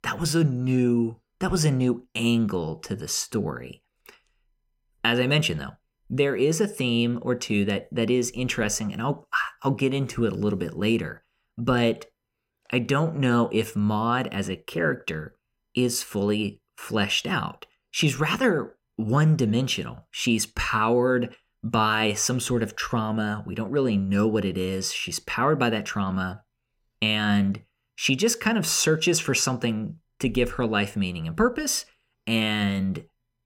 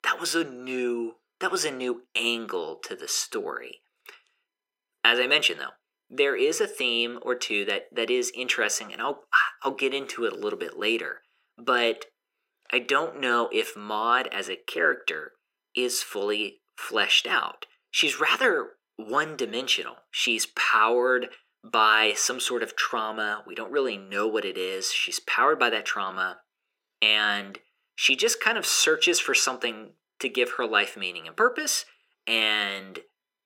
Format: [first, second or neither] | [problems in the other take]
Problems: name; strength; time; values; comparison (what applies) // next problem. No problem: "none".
first | thin; very; fading below 350 Hz